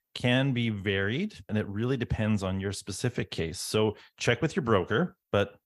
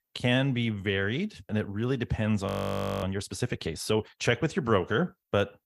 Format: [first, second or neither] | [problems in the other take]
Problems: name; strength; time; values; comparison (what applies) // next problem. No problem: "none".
first | audio freezing; at 2.5 s for 0.5 s